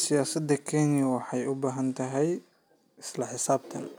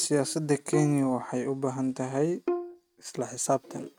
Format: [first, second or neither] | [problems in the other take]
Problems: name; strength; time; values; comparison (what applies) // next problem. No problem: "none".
first | noise reduction (neural mask model RNNoise)